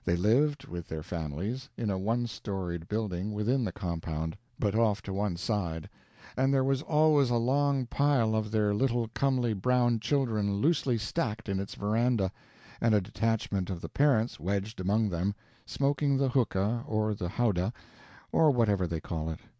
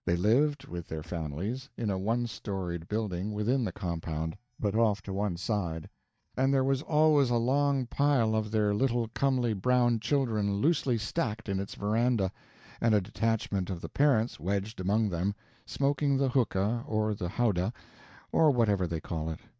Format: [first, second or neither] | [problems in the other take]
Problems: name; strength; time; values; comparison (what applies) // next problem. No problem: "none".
first | noise reduction (neural mask model DeepFilterNet 3)